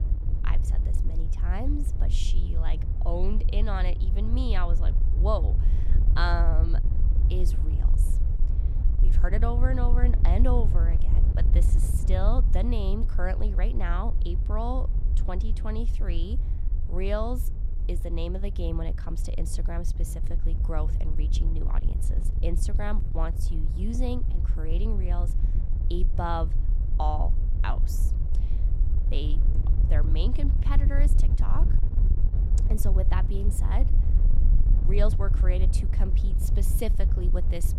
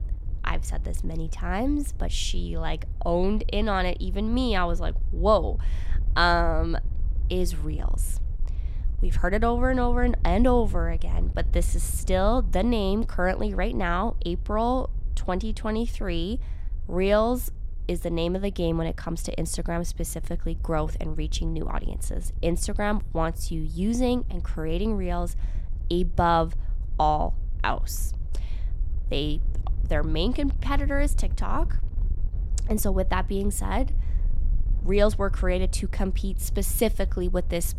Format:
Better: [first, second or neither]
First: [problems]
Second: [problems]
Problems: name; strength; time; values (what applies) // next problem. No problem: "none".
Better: second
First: wind noise on the microphone; heavy; 9 dB below the speech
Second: wind noise on the microphone; occasional gusts; 25 dB below the speech